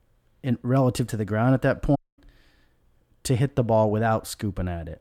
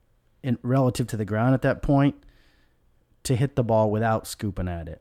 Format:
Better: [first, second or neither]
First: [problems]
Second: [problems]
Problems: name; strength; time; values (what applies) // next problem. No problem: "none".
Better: second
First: audio cutting out; at 2 s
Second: none